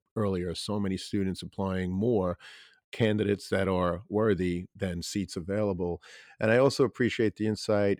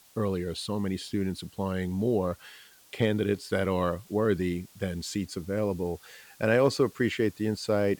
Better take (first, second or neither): first